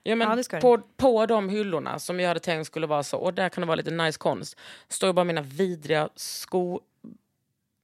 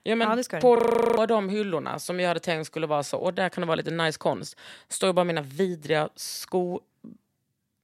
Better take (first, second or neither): first